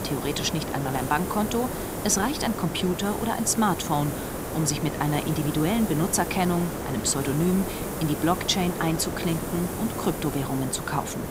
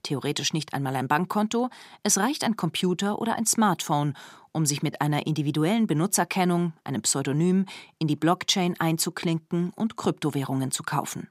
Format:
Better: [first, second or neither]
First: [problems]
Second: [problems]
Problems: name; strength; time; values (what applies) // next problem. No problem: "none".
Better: second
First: hiss; loud; throughout; 5 dB below the speech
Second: none